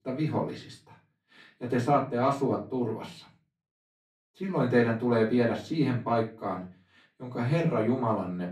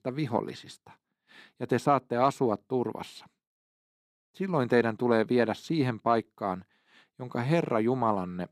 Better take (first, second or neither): second